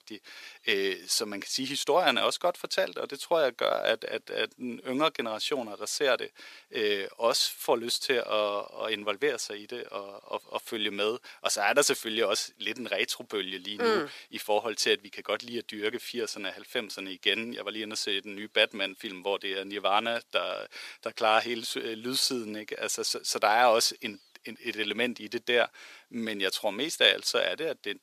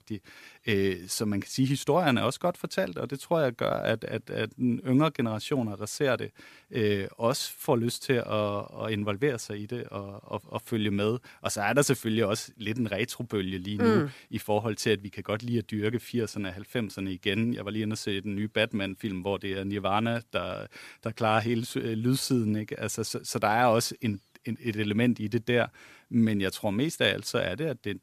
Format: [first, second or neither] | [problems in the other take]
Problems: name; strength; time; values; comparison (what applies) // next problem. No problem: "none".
second | thin; somewhat; fading below 500 Hz